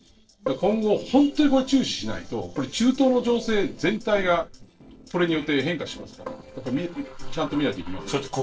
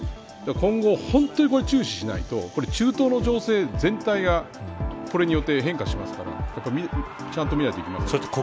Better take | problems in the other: second | noise reduction (neural separator model SepFormer DNS4)

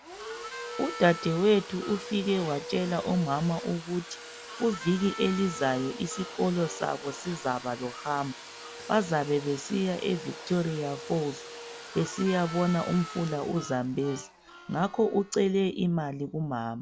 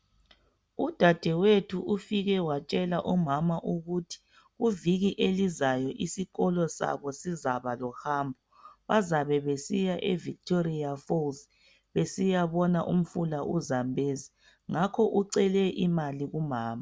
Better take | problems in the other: second | background sound (Harmonica + Domestic sounds, home sounds); 13 dB below the speech

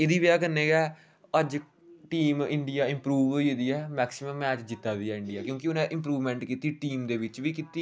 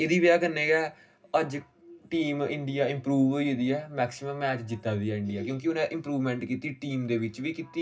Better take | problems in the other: first | room echo; dies away in 0.4 s

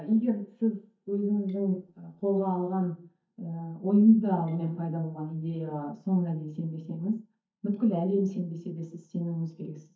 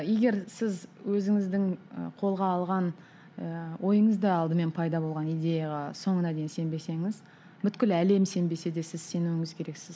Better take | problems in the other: second | noise reduction (neural mask model DeepFilterNet 3)

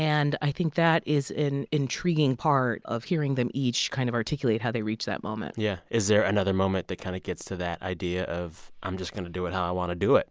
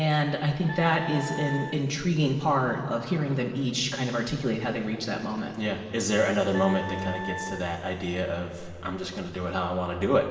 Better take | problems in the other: first | background sound (Wind instrument, woodwind instrument); 11 dB below the speech // room echo; dies away in 2.6 s

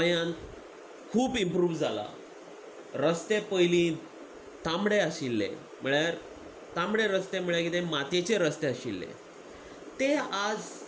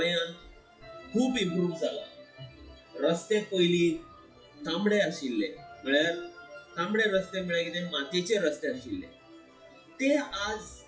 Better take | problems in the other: first | noise reduction (classical method WPE with log-MMSE)

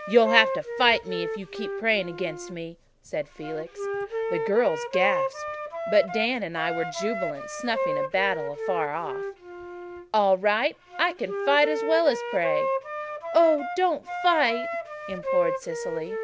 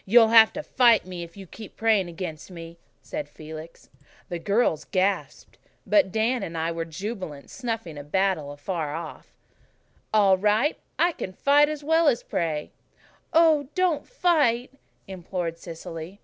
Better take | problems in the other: second | background sound (Wind instrument, woodwind instrument); 5 dB below the speech

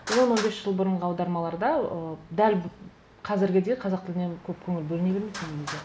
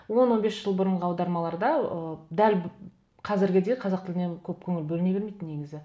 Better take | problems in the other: second | background sound (Traffic noise, roadway noise); 14 dB below the speech

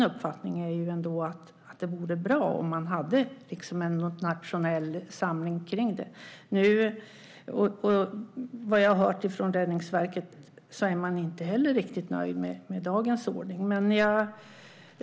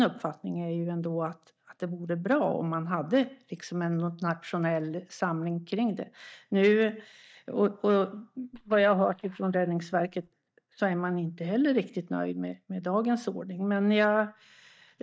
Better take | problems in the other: first | noise reduction (neural mask model DeepFilterNet 3)

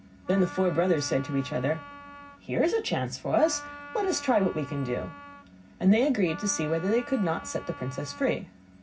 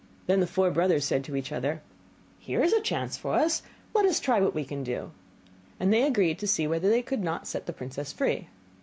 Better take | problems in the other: second | background sound (Wind instrument, woodwind instrument); 16 dB below the speech // room echo; dies away in 0.4 s

